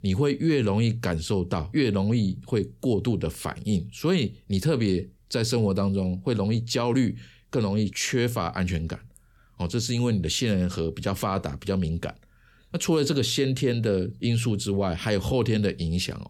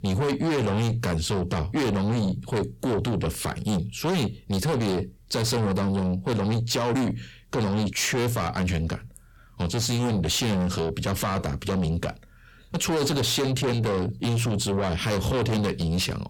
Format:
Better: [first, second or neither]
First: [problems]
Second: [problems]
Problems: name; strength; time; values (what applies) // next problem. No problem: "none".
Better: first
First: none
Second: distortion; heavy; 7 dB below the speech